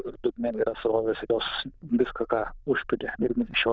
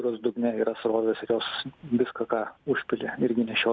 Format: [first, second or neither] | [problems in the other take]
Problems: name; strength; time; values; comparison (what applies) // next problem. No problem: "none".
second | noise reduction (neural diffusion model UNIVERSE++)